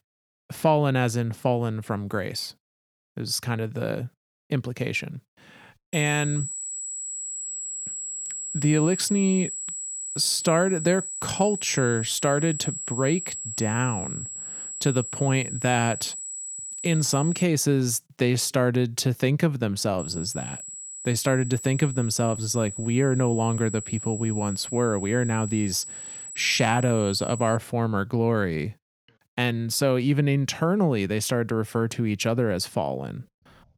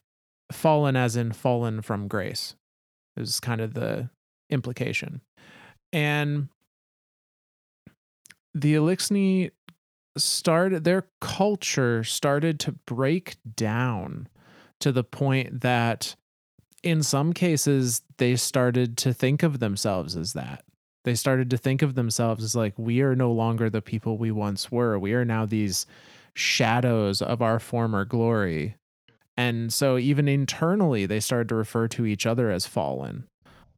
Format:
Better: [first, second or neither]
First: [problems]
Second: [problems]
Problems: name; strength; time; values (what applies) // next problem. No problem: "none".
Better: second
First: high-pitched whine; loud; from 6 to 17 s and from 20 to 28 s; 8 kHz, 7 dB below the speech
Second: none